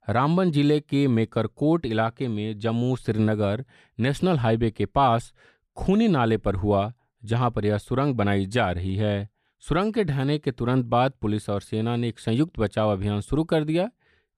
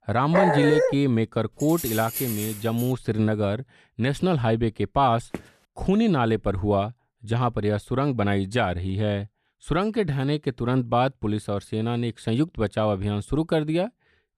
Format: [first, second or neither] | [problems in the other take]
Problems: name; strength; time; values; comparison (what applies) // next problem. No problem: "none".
first | dog barking; loud; at 0.5 s; peak 4 dB above the speech // jangling keys; noticeable; from 1.5 to 3 s; peak 5 dB below the speech // footsteps; faint; at 5.5 s; peak 15 dB below the speech